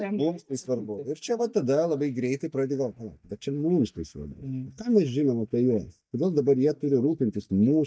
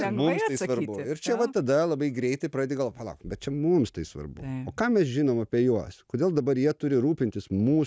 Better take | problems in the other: second | noise reduction (neural mask model DeepFilterNet 3)

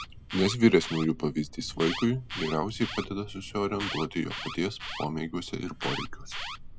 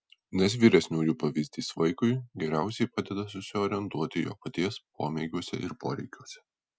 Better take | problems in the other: second | background sound (Thunder + Alarm); 10 dB below the speech

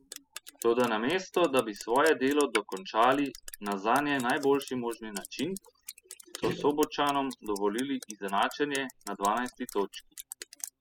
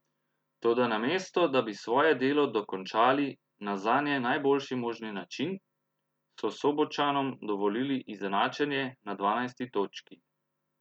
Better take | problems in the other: second | noise reduction (classical method spectral subtraction)

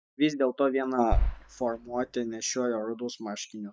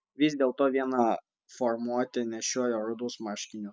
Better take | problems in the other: second | noise reduction (neural mask model DeepFilterNet 3)

